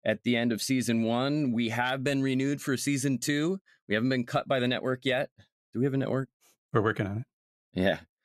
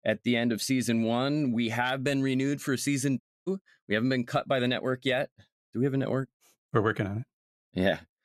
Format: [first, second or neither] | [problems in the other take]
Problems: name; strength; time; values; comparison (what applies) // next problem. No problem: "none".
first | audio cutting out; at 3 s